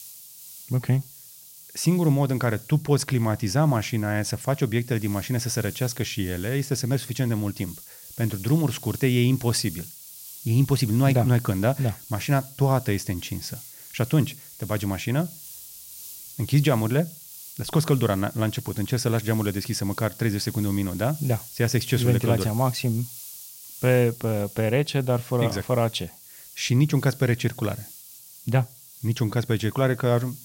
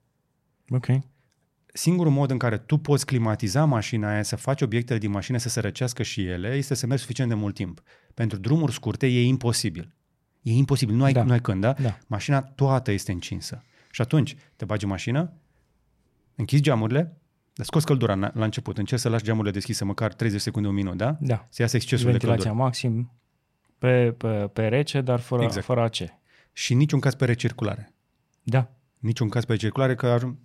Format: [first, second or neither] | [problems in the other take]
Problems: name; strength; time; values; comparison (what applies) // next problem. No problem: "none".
second | hiss; noticeable; throughout; 15 dB below the speech